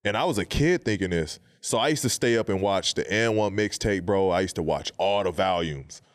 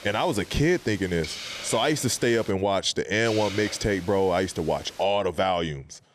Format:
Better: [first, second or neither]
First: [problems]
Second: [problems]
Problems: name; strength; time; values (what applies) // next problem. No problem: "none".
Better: first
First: none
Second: hiss; noticeable; until 2.5 s and from 3.5 to 5 s; 15 dB below the speech